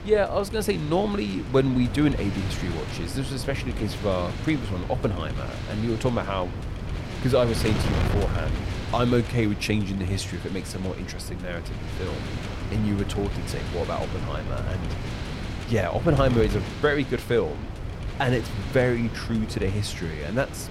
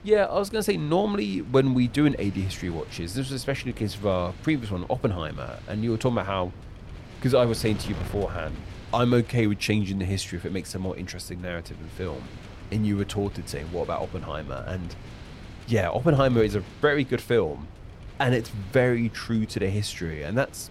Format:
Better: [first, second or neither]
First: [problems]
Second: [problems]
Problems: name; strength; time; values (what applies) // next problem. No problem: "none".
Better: second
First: wind noise on the microphone; heavy; 9 dB below the speech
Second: wind noise on the microphone; occasional gusts; 20 dB below the speech